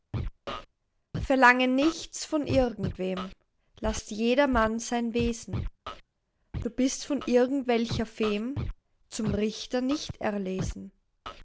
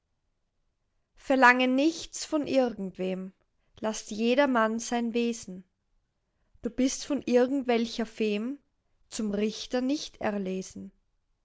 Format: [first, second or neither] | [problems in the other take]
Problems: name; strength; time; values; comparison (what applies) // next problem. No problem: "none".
second | background sound (Scratching (performance technique)); 10 dB below the speech